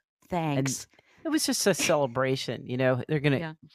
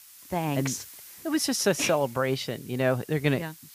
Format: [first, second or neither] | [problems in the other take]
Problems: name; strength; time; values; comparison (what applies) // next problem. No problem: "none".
first | hiss; noticeable; throughout; 20 dB below the speech